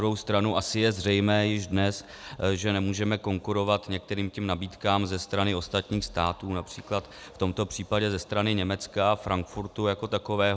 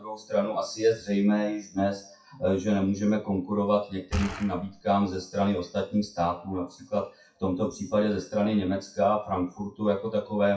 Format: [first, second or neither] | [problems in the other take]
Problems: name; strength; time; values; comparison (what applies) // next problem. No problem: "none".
first | noise reduction (classical method WPE with log-MMSE)